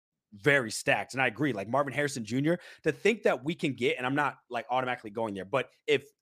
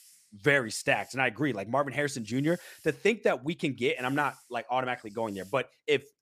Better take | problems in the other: first | hiss; faint; until 1 s, from 2 to 3 s and from 4 to 5.5 s; 25 dB below the speech

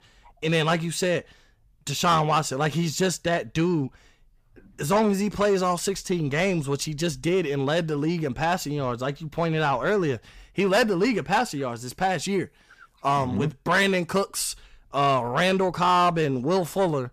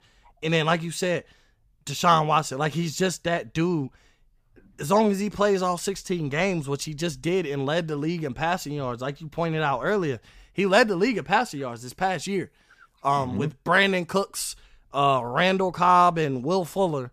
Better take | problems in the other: second | distortion; slight; 10 dB below the speech

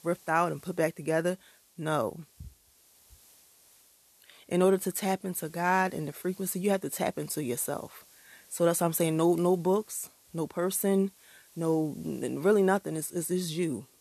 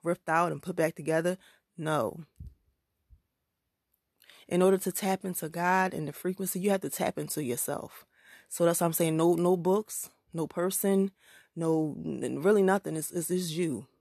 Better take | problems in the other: second | hiss; faint; throughout; 25 dB below the speech

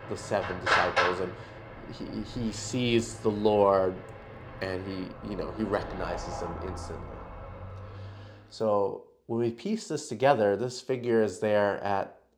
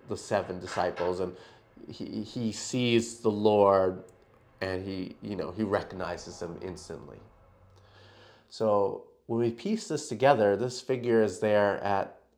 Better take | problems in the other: second | traffic noise; loud; until 8 s; 6 dB below the speech; faint in the second

